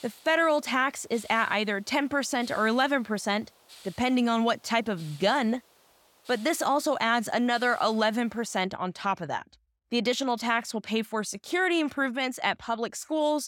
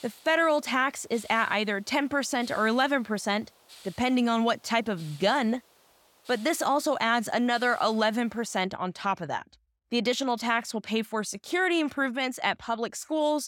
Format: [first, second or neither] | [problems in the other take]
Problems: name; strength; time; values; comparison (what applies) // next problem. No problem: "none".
neither | hiss; faint; until 8.5 s; 25 dB below the speech; the same in both